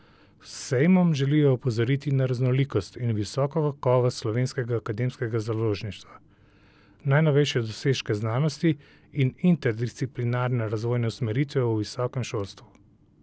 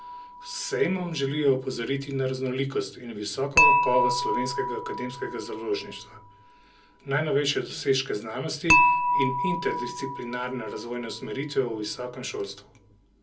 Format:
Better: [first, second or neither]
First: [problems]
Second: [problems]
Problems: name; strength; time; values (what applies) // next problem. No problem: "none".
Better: first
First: none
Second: background sound (Dishes, pots, and pans / Chink, clink); as loud as the speech // room echo; dies away in 0.2 s